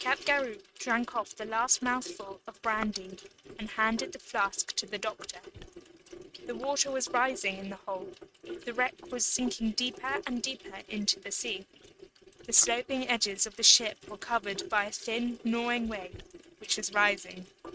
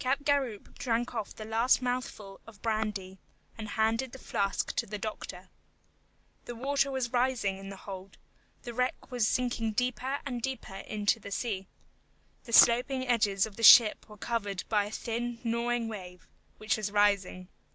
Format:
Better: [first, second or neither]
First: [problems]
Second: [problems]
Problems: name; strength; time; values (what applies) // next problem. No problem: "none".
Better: second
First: noise reduction (neural mask model RNNoise)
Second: none